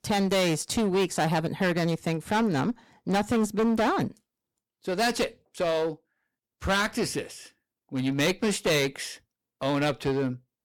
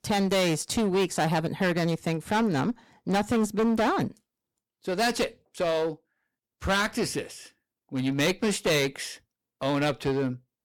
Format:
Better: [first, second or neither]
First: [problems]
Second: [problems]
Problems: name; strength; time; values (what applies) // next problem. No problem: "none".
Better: neither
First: distortion; heavy; 13% of the sound clipped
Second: distortion; heavy; 13% of the sound clipped